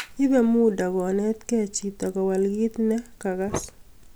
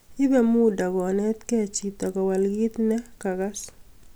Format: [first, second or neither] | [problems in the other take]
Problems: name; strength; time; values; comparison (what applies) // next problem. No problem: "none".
second | background sound (Fire); 18 dB below the speech